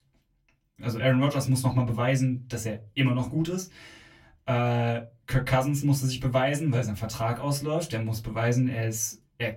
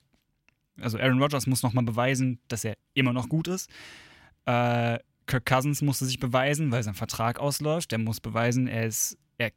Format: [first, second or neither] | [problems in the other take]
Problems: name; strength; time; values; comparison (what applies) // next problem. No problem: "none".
second | off-mic speech; far // room echo; very slight; dies away in 0.2 s